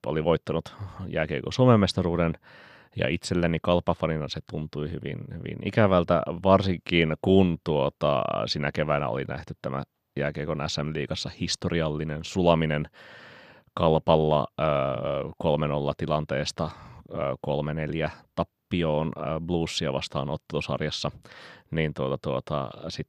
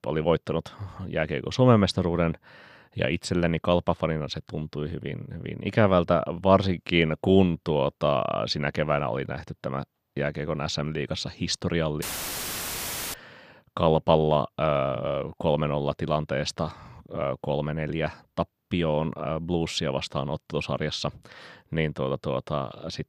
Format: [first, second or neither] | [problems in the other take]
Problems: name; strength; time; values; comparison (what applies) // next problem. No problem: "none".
first | audio cutting out; filled with static; at 12 s for 1 s